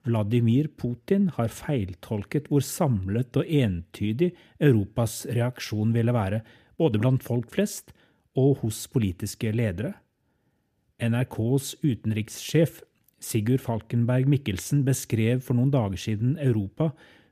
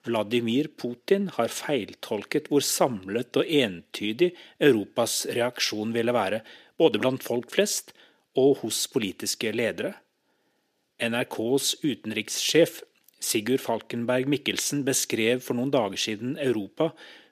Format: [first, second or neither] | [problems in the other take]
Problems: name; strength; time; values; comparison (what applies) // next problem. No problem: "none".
first | thin; somewhat; fading below 400 Hz